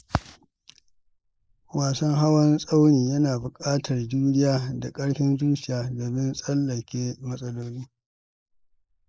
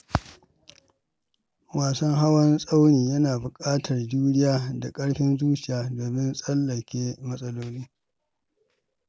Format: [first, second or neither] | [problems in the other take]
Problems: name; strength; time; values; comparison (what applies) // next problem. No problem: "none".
second | noise reduction (neural mask model Resemble Enhance denoiser)